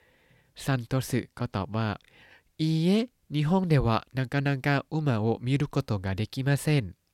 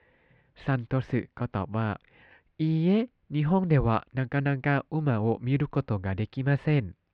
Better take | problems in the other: first | muffled; very; fading above 2.5 kHz

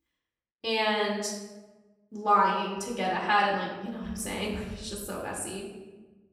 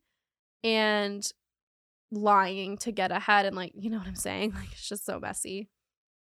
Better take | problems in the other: second | room echo; noticeable; dies away in 0.9 s // off-mic speech; far

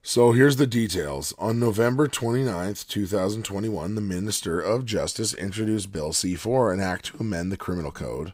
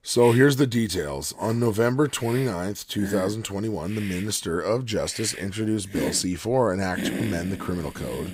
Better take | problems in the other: first | hiss; noticeable; throughout; 10 dB below the speech

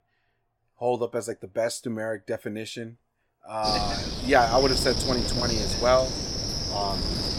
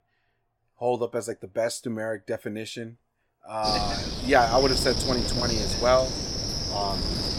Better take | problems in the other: neither | wind noise on the microphone; heavy; from 3.5 s on; 2 dB below the speech; the same in both

